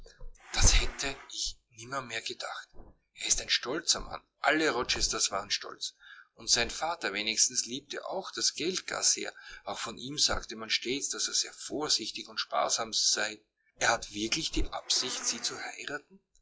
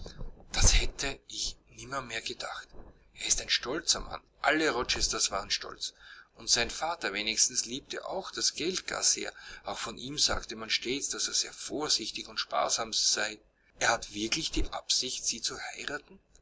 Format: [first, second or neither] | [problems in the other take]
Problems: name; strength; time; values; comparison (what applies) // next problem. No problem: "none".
second | noise reduction (classical method log-MMSE)